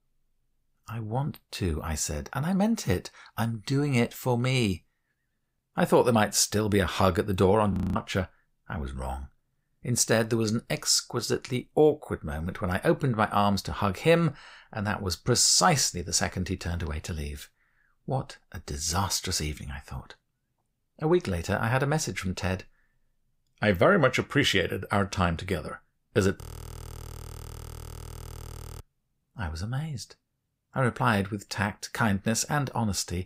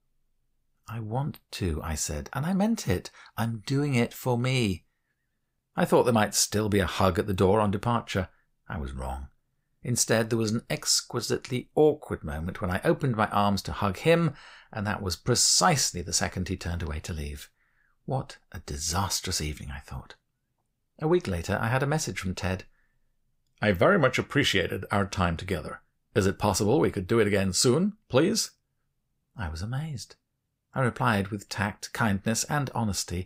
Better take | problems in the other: second | audio freezing; at 7.5 s and at 26 s for 2.5 s

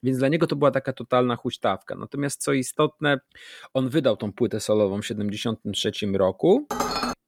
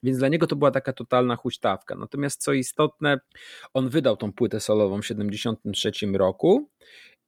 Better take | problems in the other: second | clattering dishes; noticeable; at 6.5 s; peak 2 dB below the speech

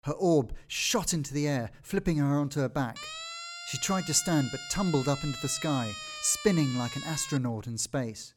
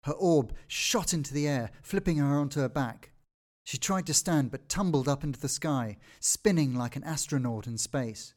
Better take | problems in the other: second | siren; noticeable; from 3 to 7.5 s; peak 8 dB below the speech

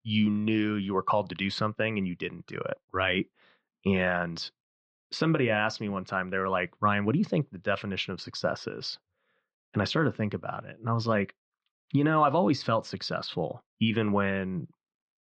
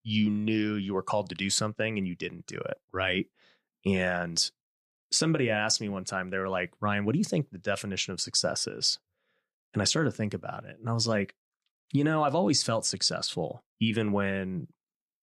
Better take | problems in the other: second | muffled; slightly; fading above 3.5 kHz

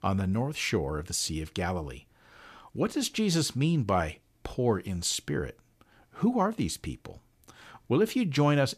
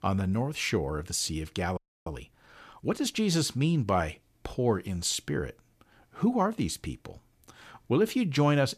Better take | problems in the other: first | audio freezing; at 2 s

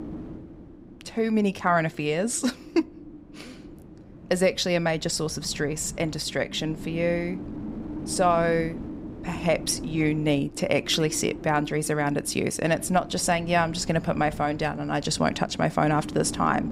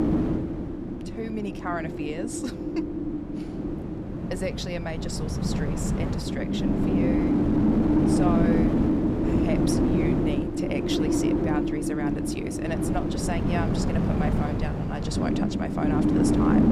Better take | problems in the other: first | wind noise on the microphone; heavy; 4 dB above the speech; occasional gusts in the first

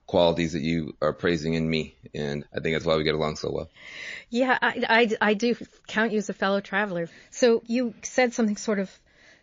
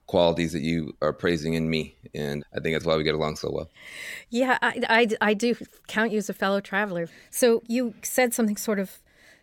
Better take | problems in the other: second | garbled, watery; slightly; nothing above 6 kHz

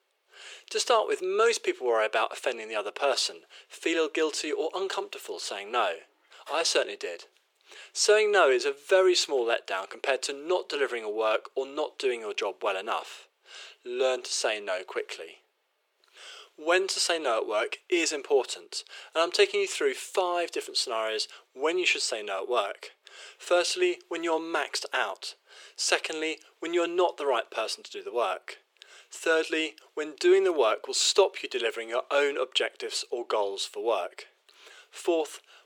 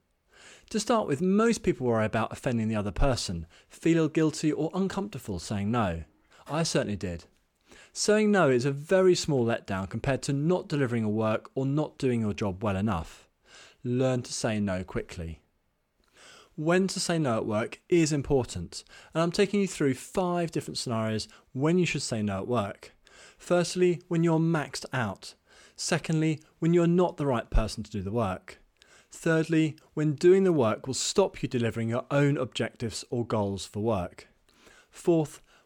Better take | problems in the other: second | thin; very; fading below 400 Hz

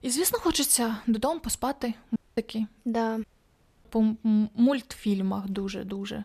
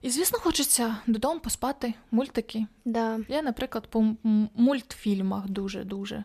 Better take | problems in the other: second | audio cutting out; at 2 s and at 3 s for 0.5 s

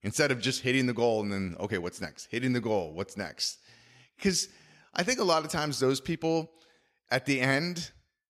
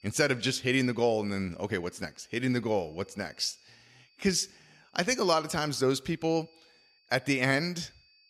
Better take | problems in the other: first | high-pitched whine; faint; throughout; 4.5 kHz, 35 dB below the speech

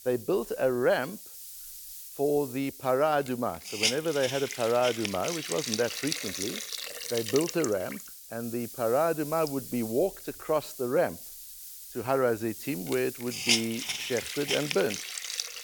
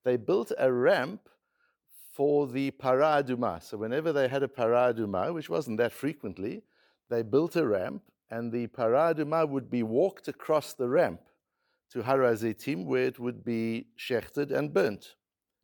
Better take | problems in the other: second | hiss; loud; throughout; 5 dB below the speech

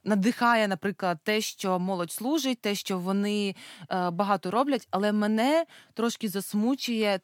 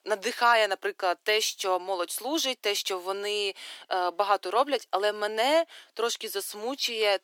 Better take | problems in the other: first | thin; very; fading below 350 Hz

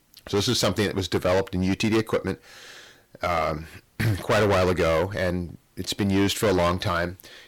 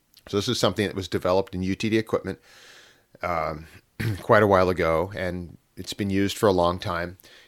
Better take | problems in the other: second | distortion; heavy; 11% of the sound clipped

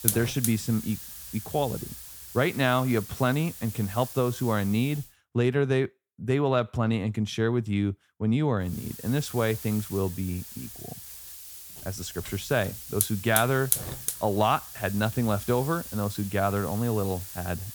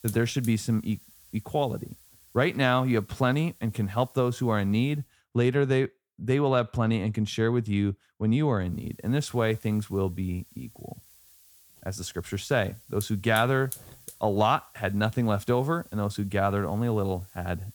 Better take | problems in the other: second | hiss; loud; until 5 s and from 8.5 s on; 7 dB below the speech; faint in the second

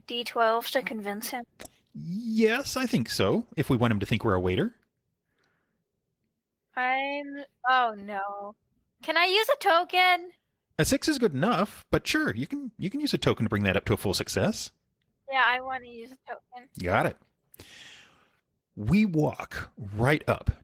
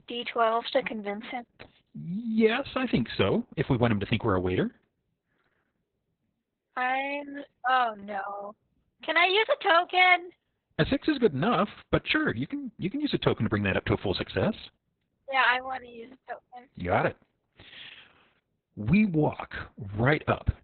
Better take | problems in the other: first | garbled, watery; badly; nothing above 4 kHz; slightly in the first

